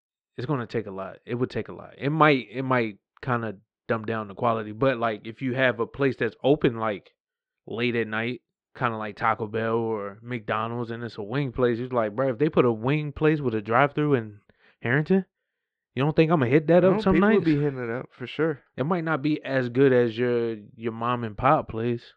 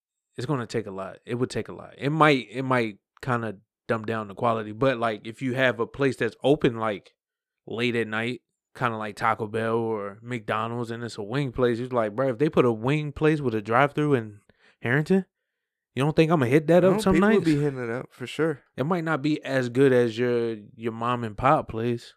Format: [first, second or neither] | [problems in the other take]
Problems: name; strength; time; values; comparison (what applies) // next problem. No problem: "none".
second | muffled; very slightly; fading above 4 kHz